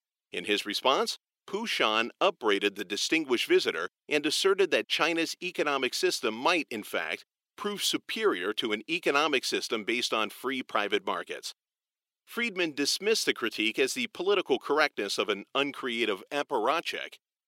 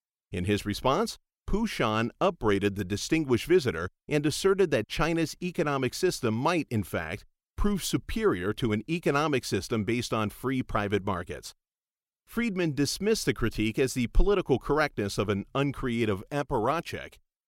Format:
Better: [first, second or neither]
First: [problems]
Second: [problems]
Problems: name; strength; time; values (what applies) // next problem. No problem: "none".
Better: second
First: thin; somewhat; fading below 300 Hz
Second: none